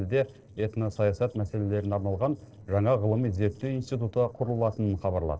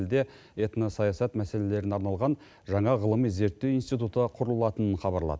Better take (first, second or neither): second